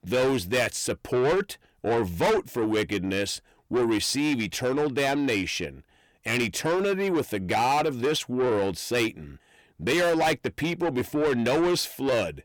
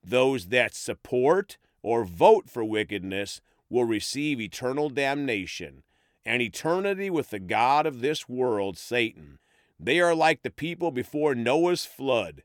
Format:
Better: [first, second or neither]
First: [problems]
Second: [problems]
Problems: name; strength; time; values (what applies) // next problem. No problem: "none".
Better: second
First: distortion; heavy; 6 dB below the speech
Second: none